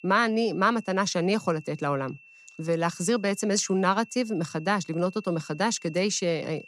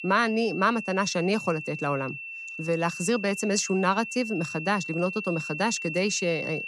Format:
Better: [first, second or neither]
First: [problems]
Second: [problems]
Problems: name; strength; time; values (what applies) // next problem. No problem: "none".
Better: first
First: high-pitched whine; faint; throughout; 2.5 kHz, 25 dB below the speech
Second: high-pitched whine; loud; throughout; 2.5 kHz, 8 dB below the speech